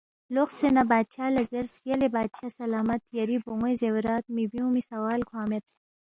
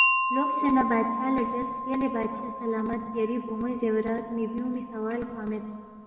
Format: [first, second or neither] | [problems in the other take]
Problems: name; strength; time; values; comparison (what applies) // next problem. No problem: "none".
first | background sound (Wind chime); 3 dB below the speech // room echo; dies away in 2.1 s